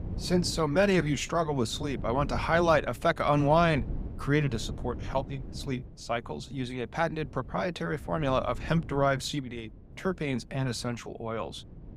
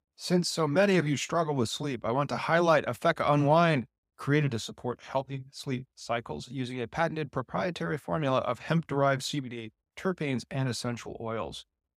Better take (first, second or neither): second